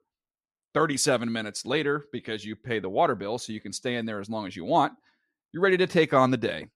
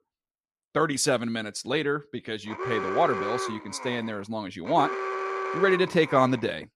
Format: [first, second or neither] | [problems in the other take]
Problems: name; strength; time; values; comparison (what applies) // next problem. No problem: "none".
first | alarm; noticeable; from 2.5 s on; peak 3 dB below the speech